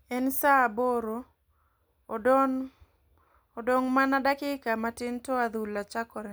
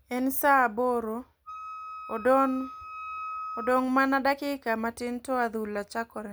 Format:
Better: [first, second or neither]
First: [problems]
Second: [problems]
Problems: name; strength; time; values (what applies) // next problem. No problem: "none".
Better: first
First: none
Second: background sound (Wind instrument, woodwind instrument); 12 dB below the speech